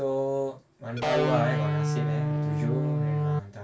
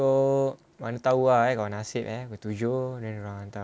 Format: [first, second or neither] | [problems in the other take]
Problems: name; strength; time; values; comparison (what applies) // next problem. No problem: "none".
second | background sound (Electric guitar); 5 dB above the speech // room echo; dies away in 0.1 s